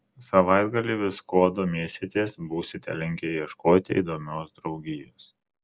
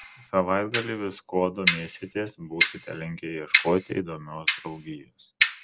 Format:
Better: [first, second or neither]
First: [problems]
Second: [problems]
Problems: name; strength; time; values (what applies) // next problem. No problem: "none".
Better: first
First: none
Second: background sound (Clock); as loud as the speech